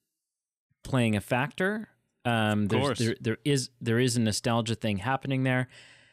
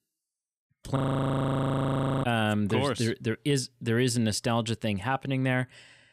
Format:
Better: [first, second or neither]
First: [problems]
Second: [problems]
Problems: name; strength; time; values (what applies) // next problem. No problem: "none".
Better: first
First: none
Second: audio freezing; at 1 s for 1.5 s